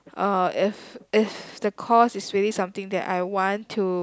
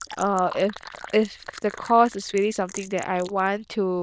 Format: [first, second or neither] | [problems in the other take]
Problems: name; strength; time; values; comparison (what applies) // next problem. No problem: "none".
first | noise reduction (neural diffusion model UNIVERSE++)